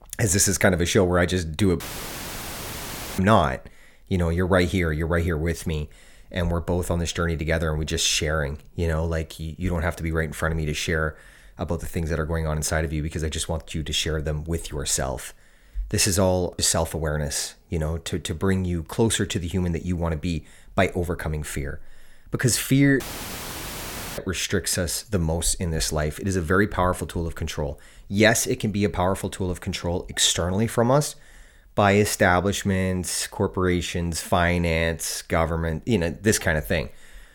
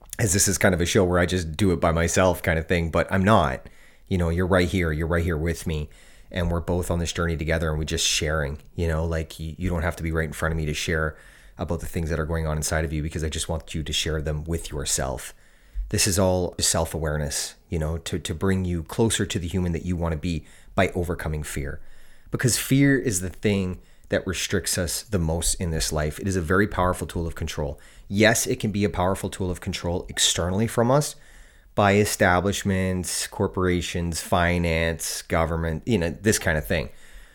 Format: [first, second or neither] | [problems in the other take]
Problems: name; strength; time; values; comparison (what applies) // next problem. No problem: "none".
second | audio cutting out; filled with static; at 2 s for 1.5 s and at 23 s for 1 s